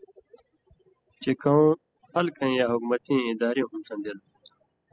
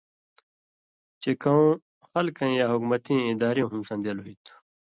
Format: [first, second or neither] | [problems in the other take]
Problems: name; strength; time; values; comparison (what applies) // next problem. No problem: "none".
second | noise reduction (classical method spectral subtraction)